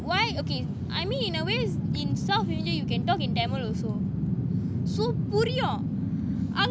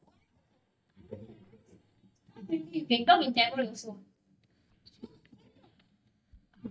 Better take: first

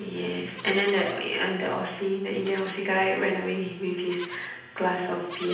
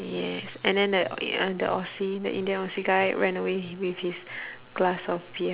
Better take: second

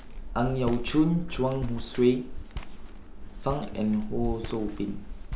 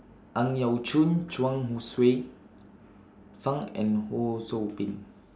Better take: second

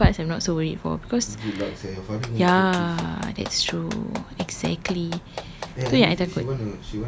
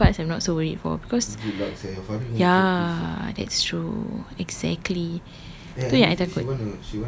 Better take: second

